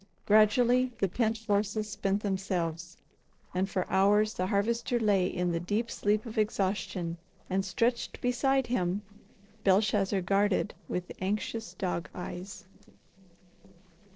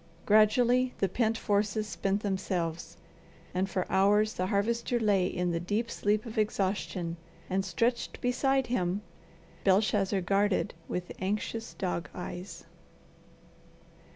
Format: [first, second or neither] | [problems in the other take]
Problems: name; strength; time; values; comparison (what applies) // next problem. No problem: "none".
second | noise reduction (neural separator model SepFormer DNS4)